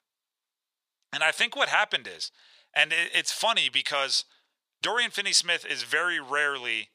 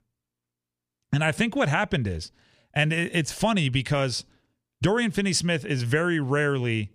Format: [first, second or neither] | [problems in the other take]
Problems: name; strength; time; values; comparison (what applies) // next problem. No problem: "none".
second | thin; very; fading below 900 Hz